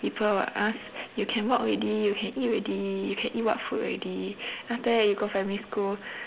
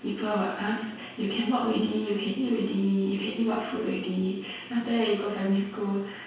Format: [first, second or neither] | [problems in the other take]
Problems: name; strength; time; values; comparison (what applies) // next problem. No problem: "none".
first | room echo; dies away in 0.6 s